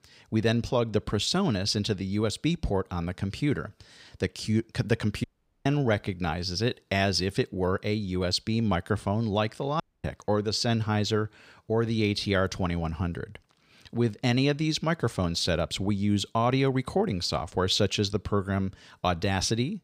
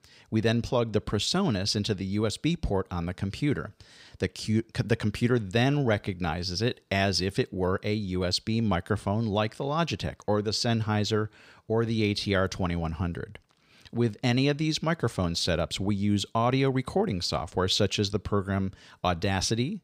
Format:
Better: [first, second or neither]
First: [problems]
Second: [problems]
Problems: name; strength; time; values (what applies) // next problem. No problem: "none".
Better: second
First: audio cutting out; at 5 s and at 10 s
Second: none